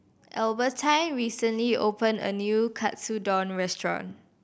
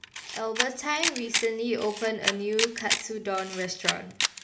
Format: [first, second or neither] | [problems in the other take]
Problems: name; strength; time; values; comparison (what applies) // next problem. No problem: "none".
first | background sound (Camera); 1 dB below the speech // room echo; dies away in 0.5 s